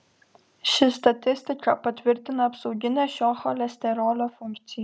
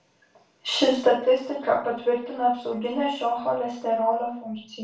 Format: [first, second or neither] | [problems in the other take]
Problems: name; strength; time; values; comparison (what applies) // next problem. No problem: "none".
first | room echo; dies away in 0.4 s